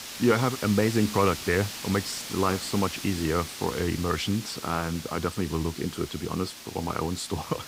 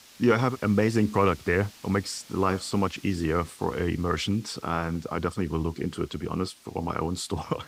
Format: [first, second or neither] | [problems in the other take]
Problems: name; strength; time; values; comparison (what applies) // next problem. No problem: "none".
second | hiss; loud; throughout; 9 dB below the speech; faint in the second